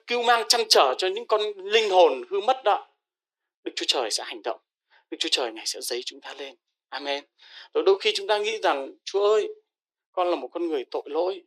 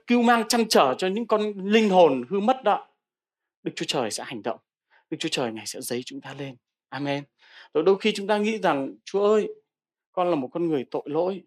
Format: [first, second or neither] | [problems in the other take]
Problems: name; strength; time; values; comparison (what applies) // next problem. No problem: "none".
second | thin; very; fading below 350 Hz